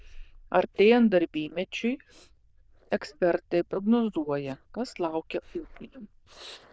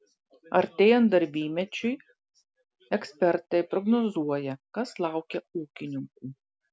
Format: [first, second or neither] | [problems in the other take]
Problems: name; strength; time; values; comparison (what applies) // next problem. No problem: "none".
second | noise reduction (neural diffusion model UNIVERSE++)